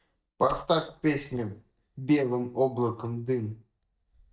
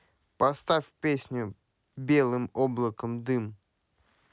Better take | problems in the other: second | noise reduction (neural mask model DeepFilterNet 3)

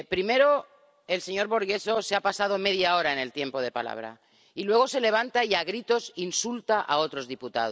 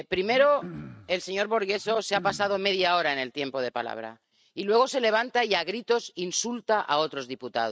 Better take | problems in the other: first | noise reduction (neural mask model RNNoise)

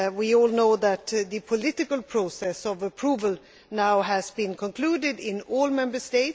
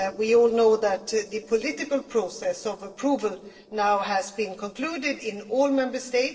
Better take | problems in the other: first | noise reduction (neural separator model SepFormer DNS4)

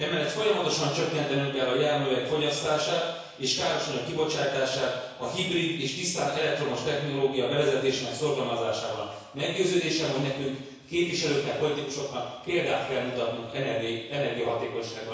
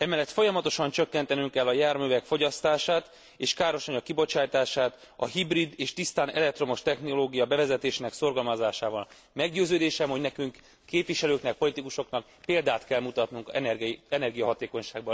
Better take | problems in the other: second | room echo; dies away in 1.1 s

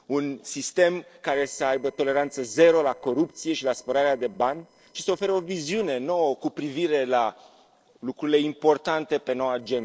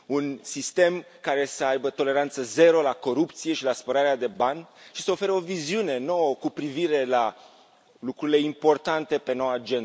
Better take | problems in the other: second | noise reduction (neural separator model SepFormer DNS4)

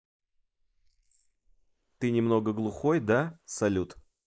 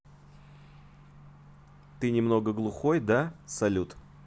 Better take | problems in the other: second | noise reduction (neural mask model Resemble Enhance denoiser)

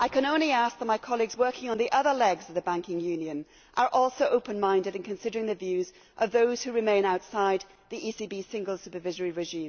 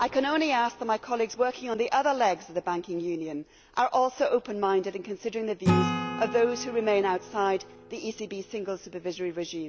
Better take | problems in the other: first | background sound (Acoustic guitar / Strum); 9 dB below the speech

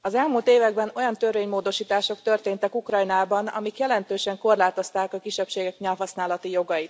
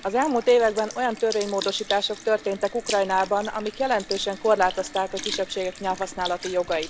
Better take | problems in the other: first | background sound (Sink (filling or washing) / Liquid); 13 dB below the speech

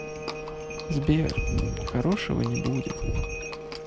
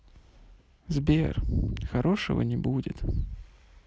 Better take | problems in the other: second | background sound (Wind instrument, woodwind instrument + Livestock, farm animals, working animals); 7 dB below the speech

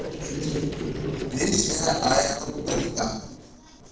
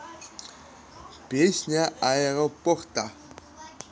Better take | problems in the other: second | noise reduction (neural separator model SepFormer DNS4)

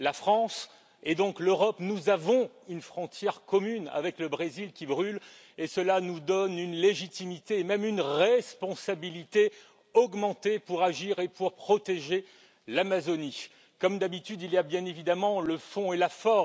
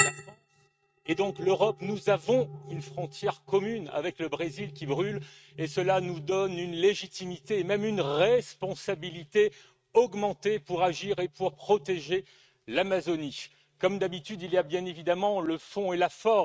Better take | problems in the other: first | noise reduction (neural mask model RNNoise)

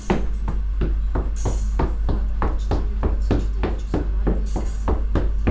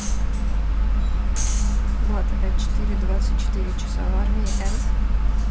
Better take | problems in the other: second | background sound (Run); 5 dB below the speech // room echo; dies away in 0.6 s

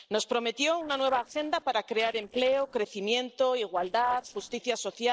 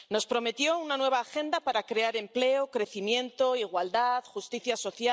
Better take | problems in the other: second | noise reduction (neural separator model SepFormer DNS4)

